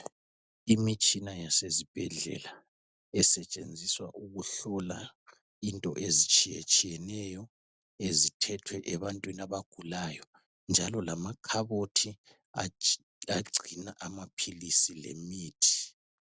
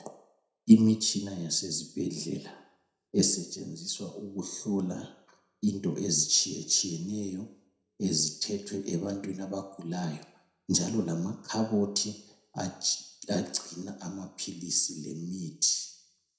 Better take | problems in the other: first | room echo; dies away in 0.6 s

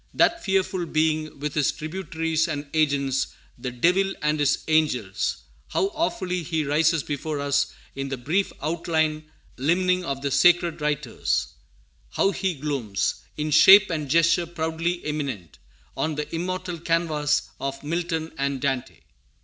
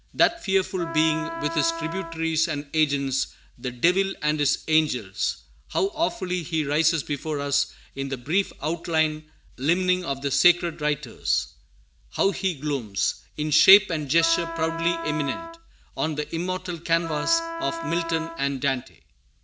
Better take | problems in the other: first | background sound (Wind instrument, woodwind instrument); 8 dB below the speech

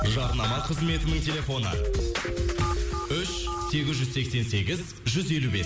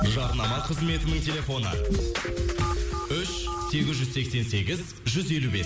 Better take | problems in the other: first | background sound (Snare drum); 15 dB below the speech

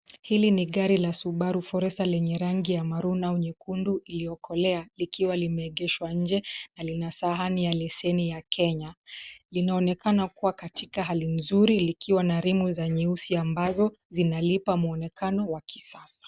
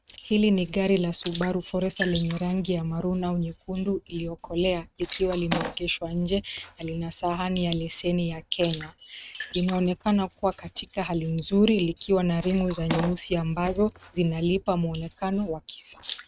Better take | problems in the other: first | noise reduction (neural mask model RNNoise)

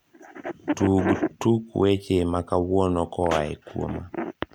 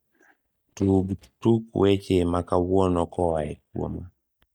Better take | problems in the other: first | noise reduction (neural mask model DeepFilterNet 3)

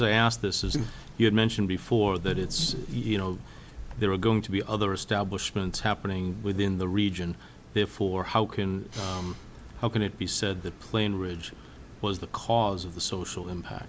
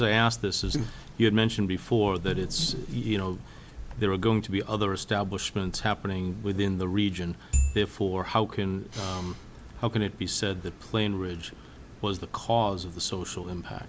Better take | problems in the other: first | background sound (Marimba, xylophone / Wood); 3 dB above the speech

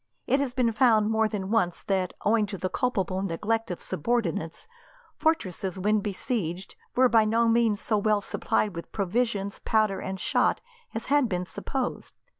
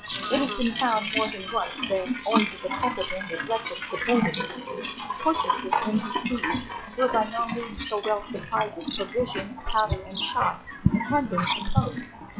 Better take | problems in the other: first | noise reduction (classical method log-MMSE)

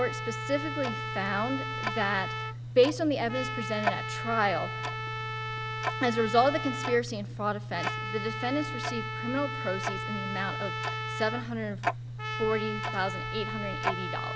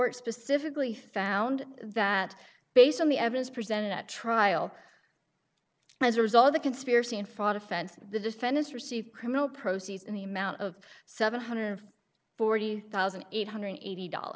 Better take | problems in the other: second | background sound (Tick-tock + Trumpet); 2 dB below the speech

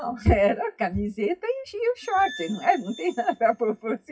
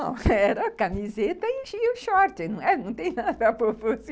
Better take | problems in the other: second | noise reduction (classical method WPE with log-MMSE)

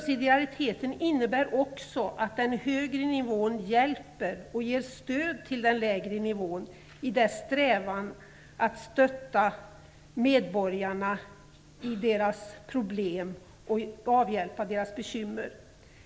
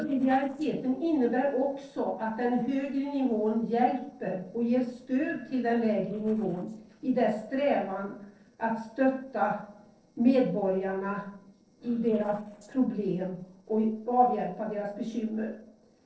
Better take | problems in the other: first | noise reduction (neural separator model SepFormer DNS4)

